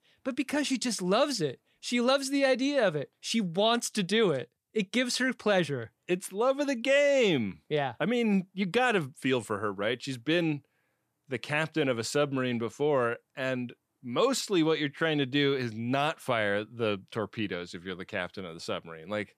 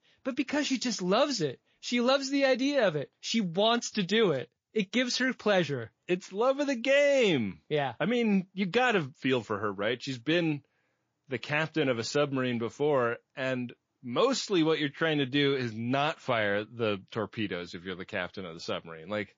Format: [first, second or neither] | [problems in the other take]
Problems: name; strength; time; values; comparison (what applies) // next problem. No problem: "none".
first | garbled, watery; slightly